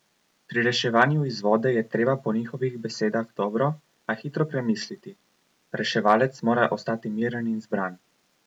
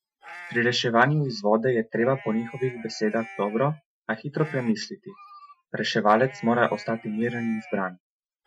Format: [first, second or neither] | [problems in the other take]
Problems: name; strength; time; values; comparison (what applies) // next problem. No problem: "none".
first | noise reduction (classical method Wiener filter)